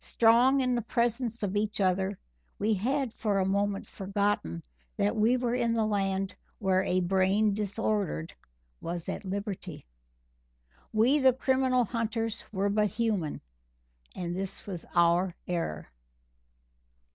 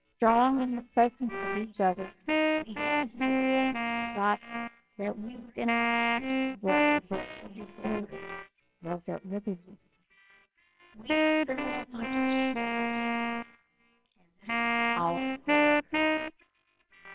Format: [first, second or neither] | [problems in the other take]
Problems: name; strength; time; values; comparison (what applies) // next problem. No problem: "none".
first | noise reduction (neural separator model SepFormer WHAMR!)